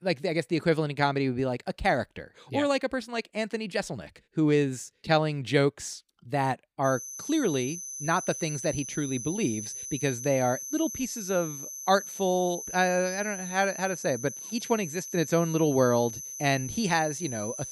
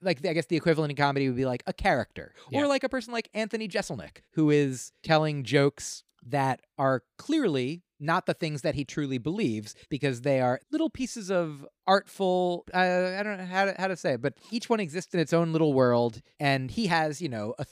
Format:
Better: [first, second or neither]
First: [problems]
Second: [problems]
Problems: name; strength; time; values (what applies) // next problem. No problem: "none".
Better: second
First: high-pitched whine; loud; from 7 s on; 6 kHz, 8 dB below the speech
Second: none